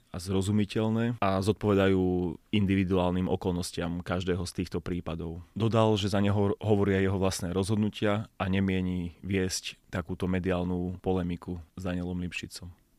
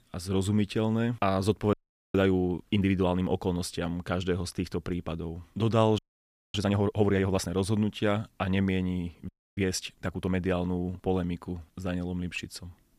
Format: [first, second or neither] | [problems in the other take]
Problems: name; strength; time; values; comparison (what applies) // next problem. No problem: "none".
first | audio freezing; at 1.5 s, at 6 s for 0.5 s and at 9.5 s